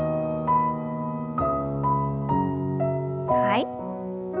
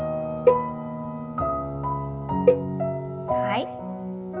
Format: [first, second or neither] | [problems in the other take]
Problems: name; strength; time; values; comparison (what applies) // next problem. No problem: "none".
first | background sound (Cowbell); as loud as the speech // room echo; dies away in 0.7 s